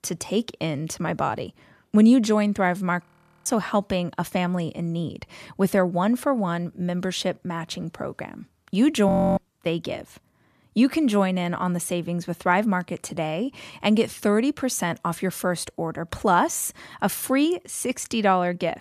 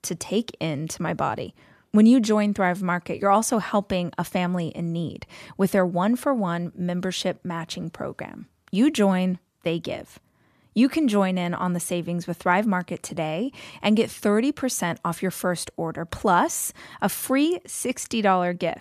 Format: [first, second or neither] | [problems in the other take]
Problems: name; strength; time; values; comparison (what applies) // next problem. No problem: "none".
second | audio freezing; at 3 s and at 9 s